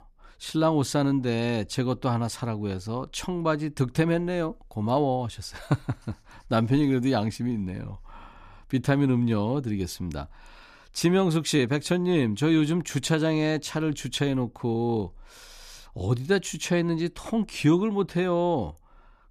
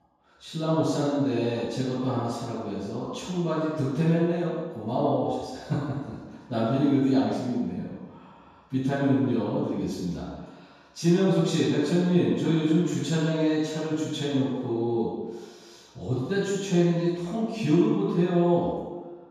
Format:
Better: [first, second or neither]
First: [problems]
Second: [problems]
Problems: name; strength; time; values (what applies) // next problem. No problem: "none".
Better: first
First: none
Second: room echo; strong; dies away in 1.2 s // off-mic speech; far